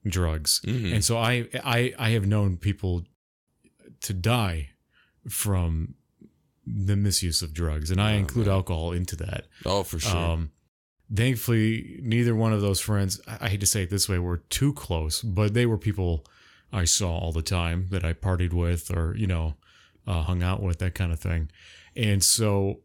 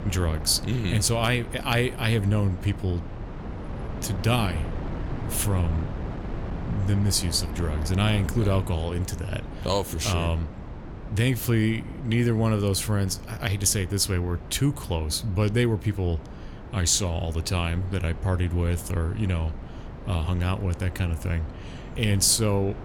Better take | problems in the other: first | wind noise on the microphone; occasional gusts; 15 dB below the speech

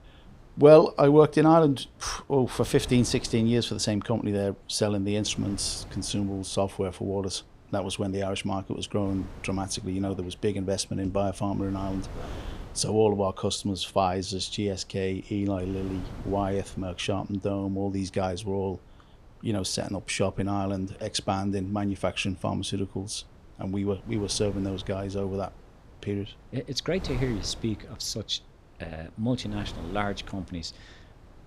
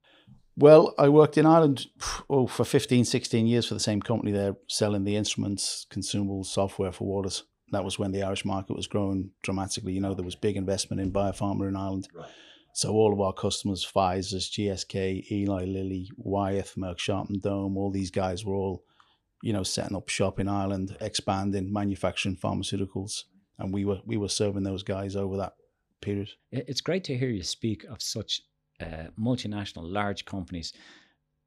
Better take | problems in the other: second | wind noise on the microphone; occasional gusts; 25 dB below the speech

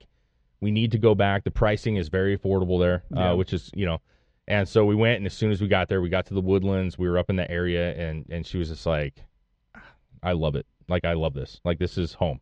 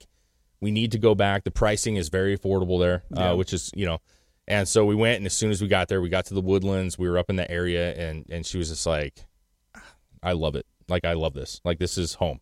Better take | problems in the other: second | muffled; slightly; fading above 3.5 kHz

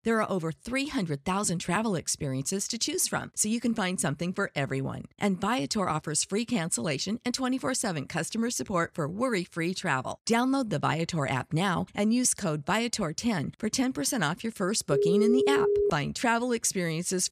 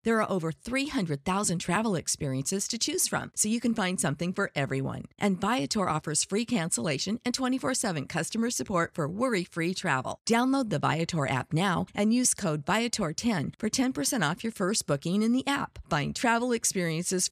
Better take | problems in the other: second | phone ringing; loud; at 15 s; peak 4 dB above the speech

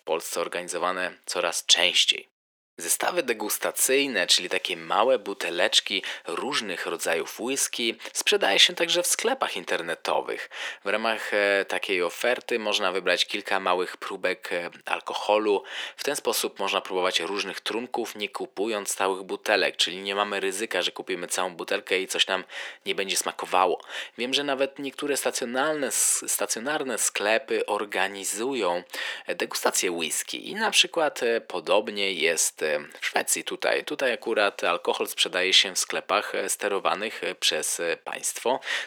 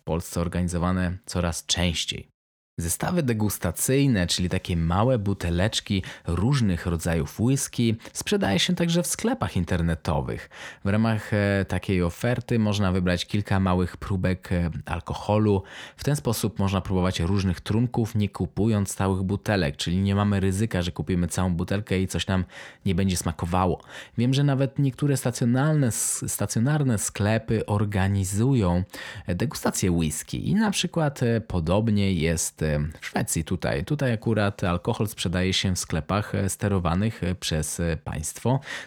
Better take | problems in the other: second | thin; very; fading below 350 Hz

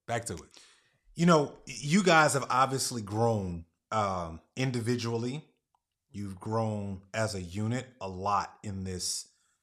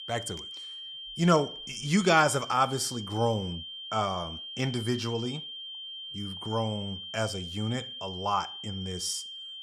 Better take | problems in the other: first | high-pitched whine; loud; throughout; 3 kHz, 9 dB below the speech

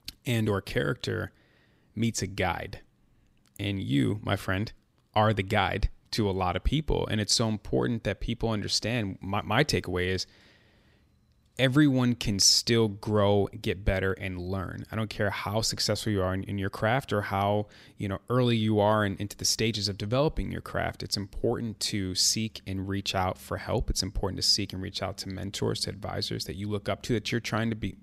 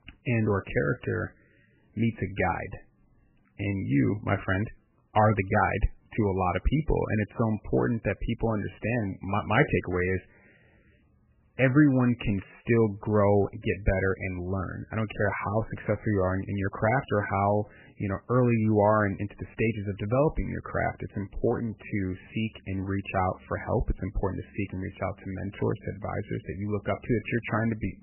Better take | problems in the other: first | garbled, watery; badly; nothing above 3 kHz

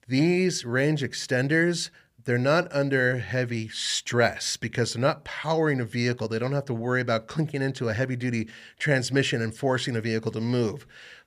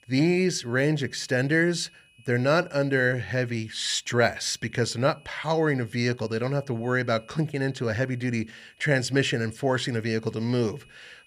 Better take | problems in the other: first | high-pitched whine; faint; throughout; 2.5 kHz, 30 dB below the speech

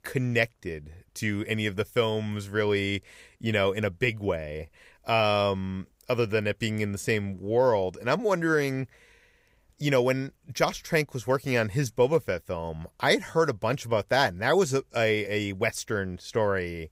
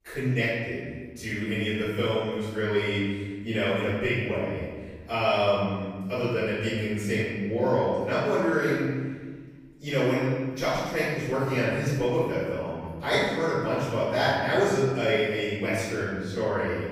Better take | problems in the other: first | room echo; strong; dies away in 1.5 s // off-mic speech; far

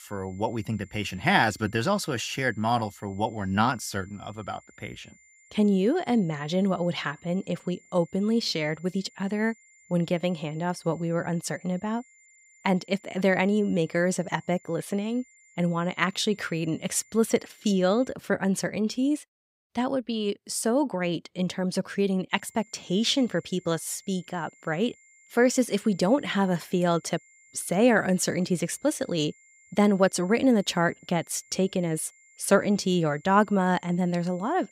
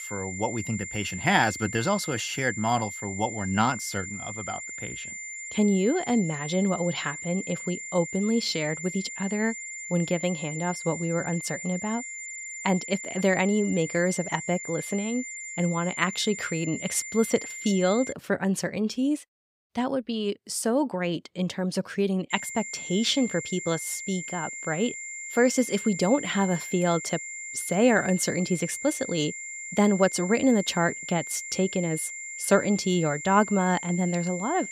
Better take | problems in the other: first | high-pitched whine; loud; until 18 s and from 22 s on; 2 kHz, 8 dB below the speech; faint in the first

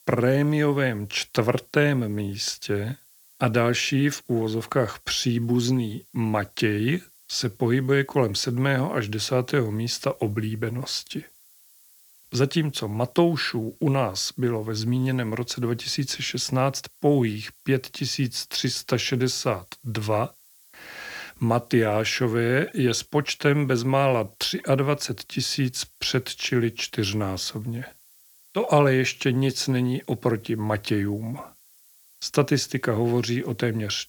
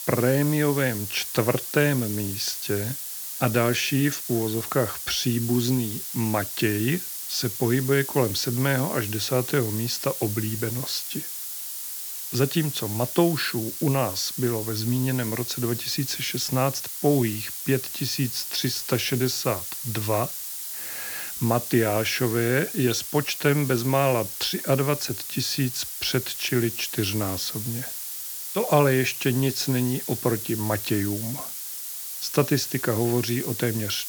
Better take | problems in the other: first | hiss; loud; throughout; 5 dB below the speech; faint in the first

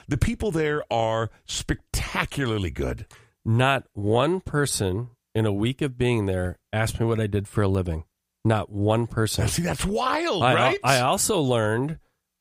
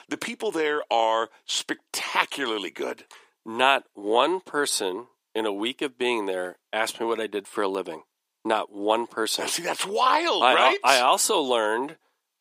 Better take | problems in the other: first | thin; very; fading below 300 Hz

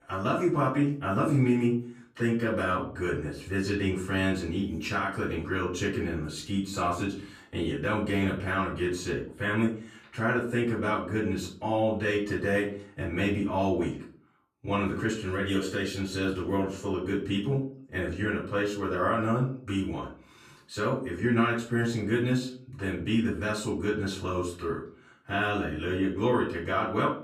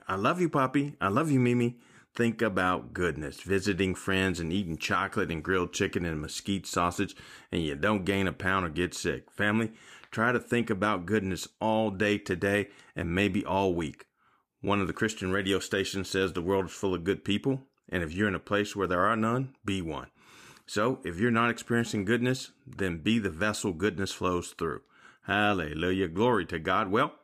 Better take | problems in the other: second | off-mic speech; far // room echo; slight; dies away in 0.4 s

